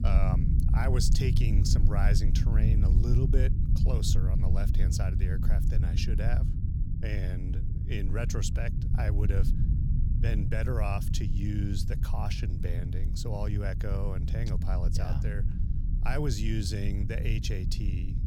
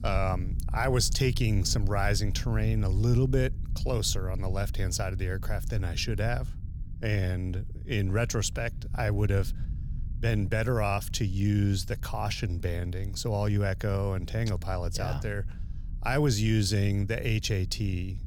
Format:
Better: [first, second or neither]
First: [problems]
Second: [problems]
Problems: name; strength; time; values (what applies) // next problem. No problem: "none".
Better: second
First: low rumble; loud; throughout; 5 dB below the speech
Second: low rumble; faint; throughout; 20 dB below the speech